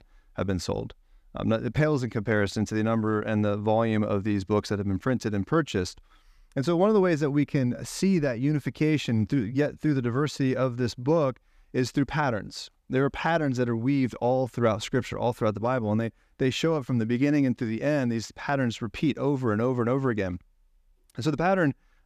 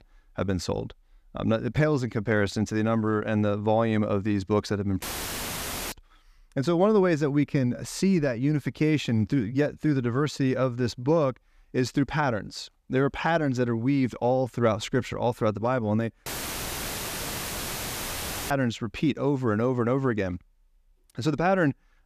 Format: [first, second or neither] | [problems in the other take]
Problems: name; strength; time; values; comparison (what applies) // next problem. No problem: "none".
first | audio cutting out; filled with static; at 5 s for 1 s and at 16 s for 2 s